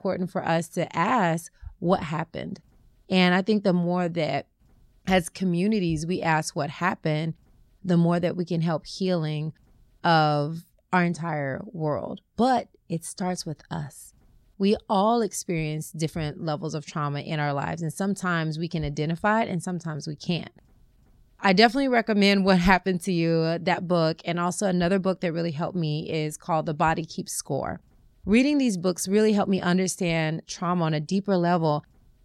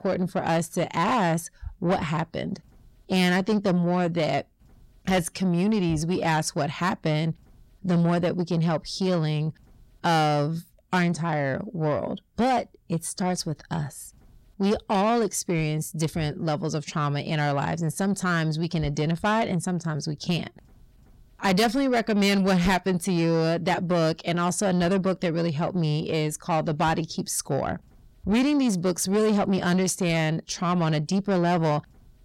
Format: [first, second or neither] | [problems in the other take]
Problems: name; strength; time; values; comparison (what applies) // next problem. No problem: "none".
first | distortion; slight; 10 dB below the speech